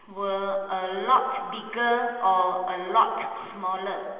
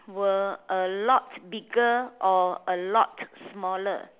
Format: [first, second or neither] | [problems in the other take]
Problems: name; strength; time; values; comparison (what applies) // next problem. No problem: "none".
second | room echo; dies away in 2.5 s